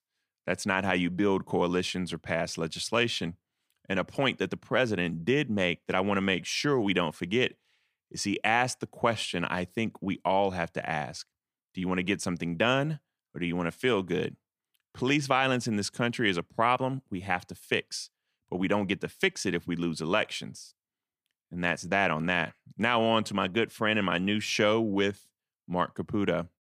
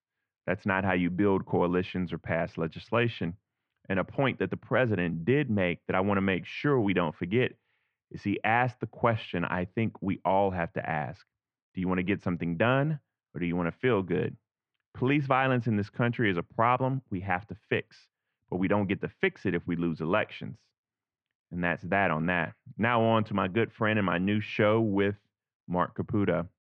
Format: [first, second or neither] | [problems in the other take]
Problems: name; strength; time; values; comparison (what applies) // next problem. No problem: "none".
first | muffled; very; fading above 2.5 kHz